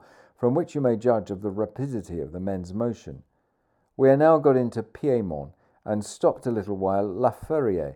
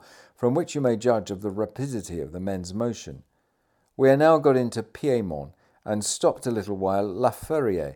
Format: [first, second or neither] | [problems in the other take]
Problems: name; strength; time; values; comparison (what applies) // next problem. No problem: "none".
second | muffled; slightly; fading above 2 kHz